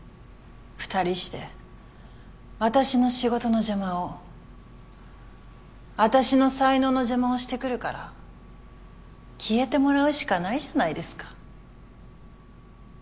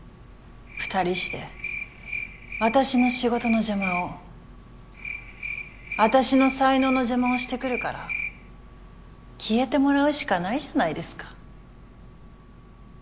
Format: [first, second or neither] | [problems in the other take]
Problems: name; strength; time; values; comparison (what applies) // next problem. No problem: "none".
first | background sound (Cricket); 9 dB below the speech